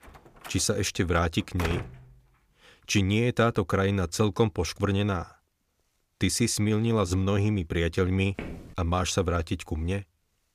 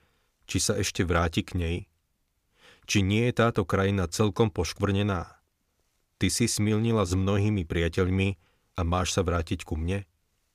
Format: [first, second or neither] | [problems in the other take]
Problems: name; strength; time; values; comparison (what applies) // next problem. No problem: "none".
second | door banging; noticeable; until 2 s; peak 7 dB below the speech // footsteps; faint; at 8.5 s; peak 15 dB below the speech